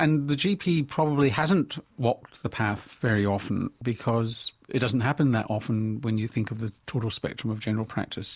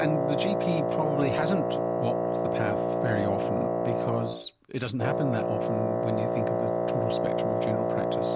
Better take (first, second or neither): first